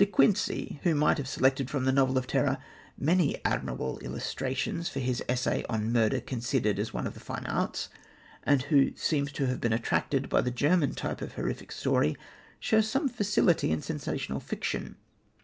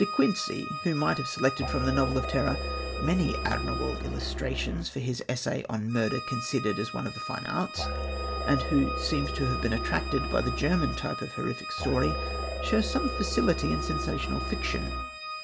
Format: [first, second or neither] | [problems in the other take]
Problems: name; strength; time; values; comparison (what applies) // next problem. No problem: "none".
first | background sound (Musical instrument + Organ); 3 dB below the speech